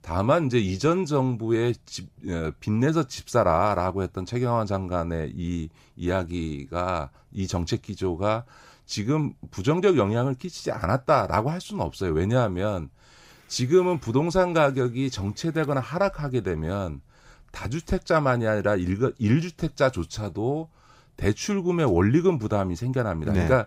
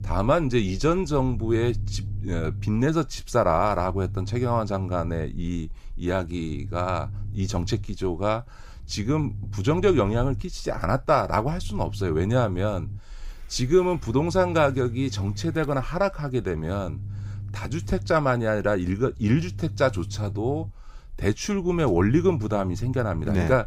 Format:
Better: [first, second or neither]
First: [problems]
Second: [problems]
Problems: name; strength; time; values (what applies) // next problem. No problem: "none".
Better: first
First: none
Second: low rumble; faint; throughout; 25 dB below the speech